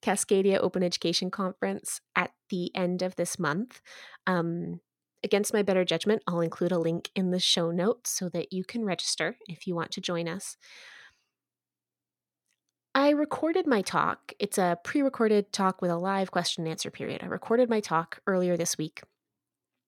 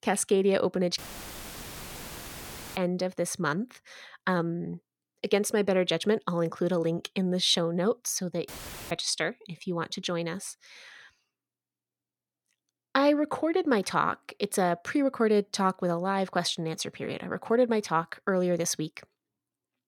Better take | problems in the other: first | audio cutting out; filled with static; at 1 s for 2 s and at 8.5 s

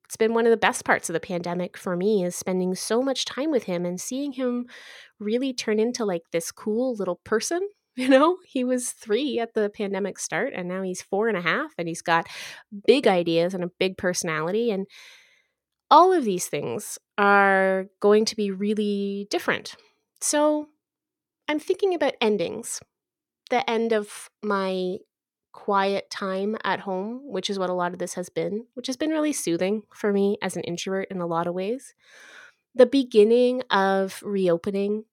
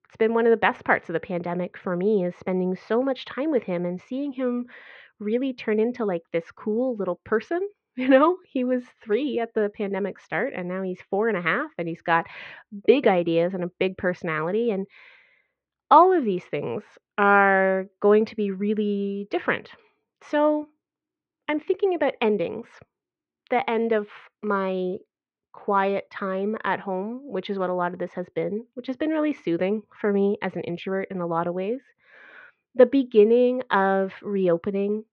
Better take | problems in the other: first | muffled; very; fading above 2.5 kHz

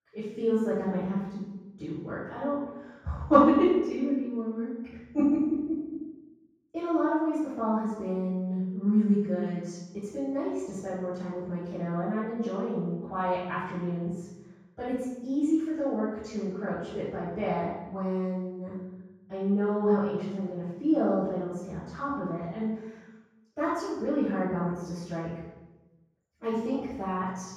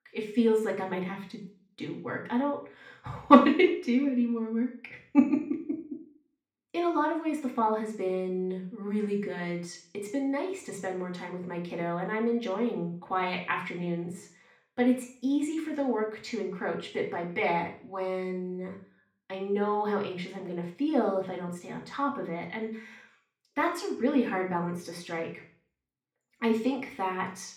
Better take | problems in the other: second | room echo; strong; dies away in 1.3 s; slight in the second // off-mic speech; far; far in the second

